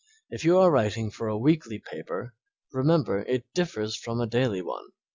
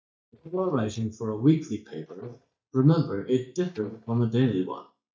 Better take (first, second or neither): first